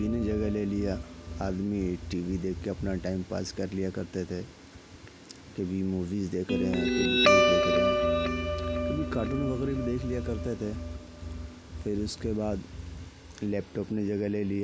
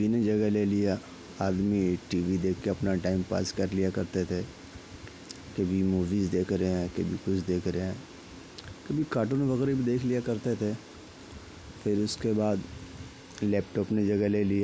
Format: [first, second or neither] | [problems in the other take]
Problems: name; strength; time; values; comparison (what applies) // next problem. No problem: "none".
second | background sound (Guitar); as loud as the speech